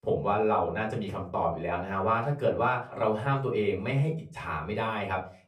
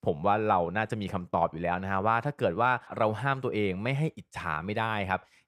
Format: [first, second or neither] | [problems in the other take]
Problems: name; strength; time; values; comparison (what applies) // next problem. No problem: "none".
second | off-mic speech; far // room echo; very slight; dies away in 0.3 s